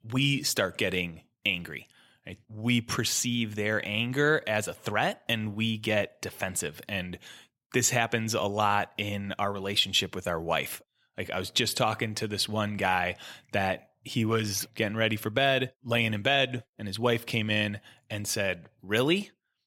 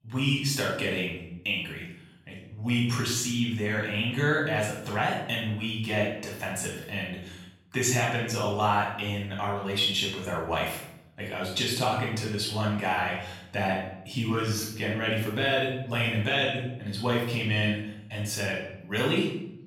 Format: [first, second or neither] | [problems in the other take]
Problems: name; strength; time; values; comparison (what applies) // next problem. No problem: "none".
first | off-mic speech; far // room echo; noticeable; dies away in 0.7 s